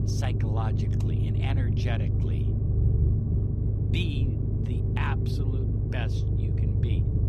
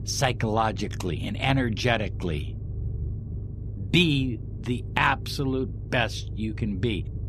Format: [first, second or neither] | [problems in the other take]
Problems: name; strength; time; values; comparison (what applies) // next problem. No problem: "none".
second | low rumble; loud; throughout; as loud as the speech; faint in the second